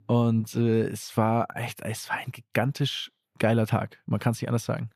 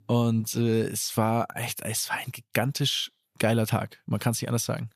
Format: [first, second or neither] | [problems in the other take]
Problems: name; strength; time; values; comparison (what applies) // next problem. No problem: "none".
second | muffled; slightly; fading above 3.5 kHz